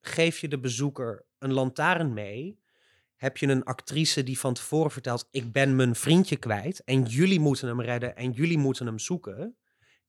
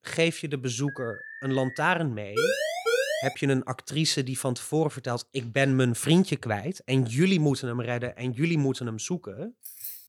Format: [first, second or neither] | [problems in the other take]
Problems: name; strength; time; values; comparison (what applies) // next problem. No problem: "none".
first | alarm; faint; at 1 s; peak 15 dB below the speech // siren; loud; at 2.5 s; peak 2 dB above the speech // jangling keys; faint; at 9.5 s; peak 10 dB below the speech